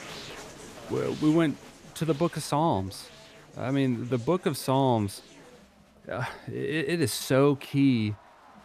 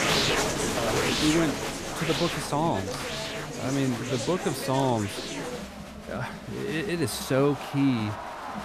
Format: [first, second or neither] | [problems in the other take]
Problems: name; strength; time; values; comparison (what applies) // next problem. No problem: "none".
first | crowd noise; loud; throughout; 2 dB below the speech; faint in the first